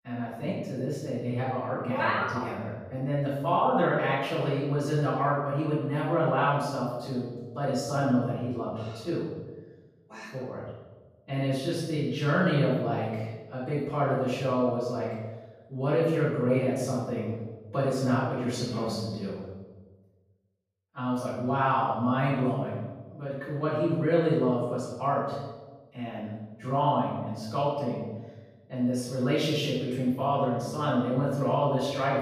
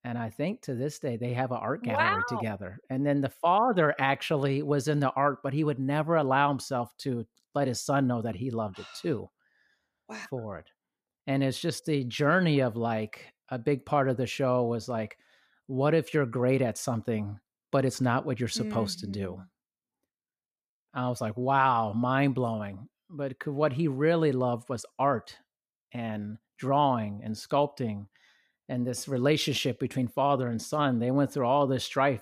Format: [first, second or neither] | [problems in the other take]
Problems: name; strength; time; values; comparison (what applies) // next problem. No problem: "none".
second | off-mic speech; far // room echo; strong; dies away in 1.1 s